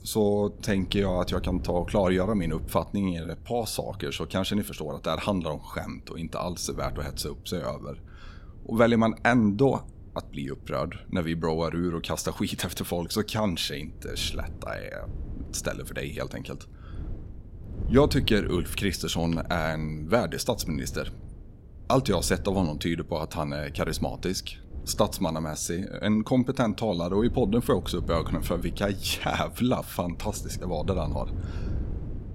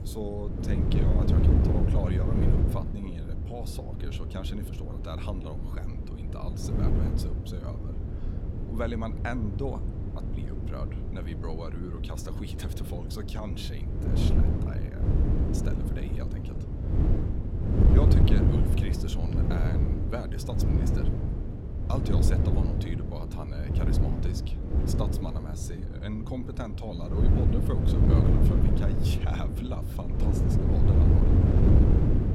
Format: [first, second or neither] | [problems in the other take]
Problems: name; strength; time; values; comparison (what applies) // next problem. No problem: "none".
first | wind noise on the microphone; heavy; 3 dB above the speech; occasional gusts in the first